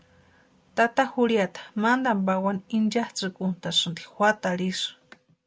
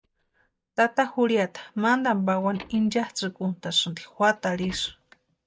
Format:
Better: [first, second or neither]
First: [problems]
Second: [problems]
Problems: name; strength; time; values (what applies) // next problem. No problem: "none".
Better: first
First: none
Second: noise reduction (neural mask model DeepFilterNet 3)